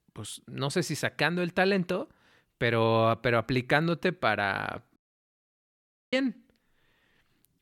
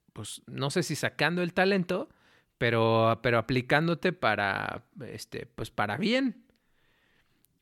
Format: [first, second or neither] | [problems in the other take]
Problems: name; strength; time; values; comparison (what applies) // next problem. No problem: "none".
second | audio cutting out; at 5 s for 1 s